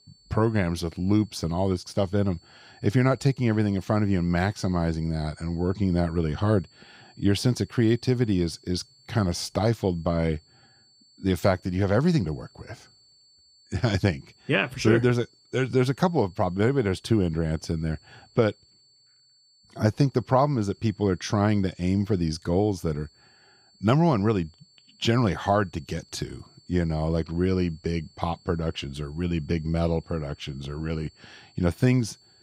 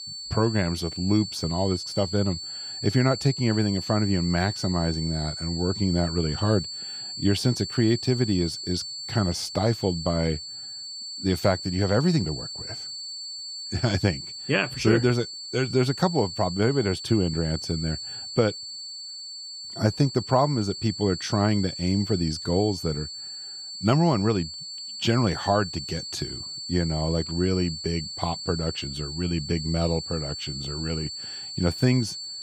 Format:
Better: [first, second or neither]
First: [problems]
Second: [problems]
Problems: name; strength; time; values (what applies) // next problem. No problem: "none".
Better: first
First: high-pitched whine; faint; throughout; 4.5 kHz, 30 dB below the speech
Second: high-pitched whine; loud; throughout; 4.5 kHz, 7 dB below the speech